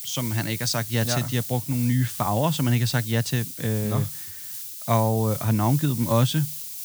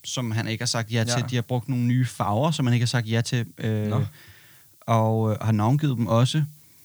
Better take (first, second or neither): second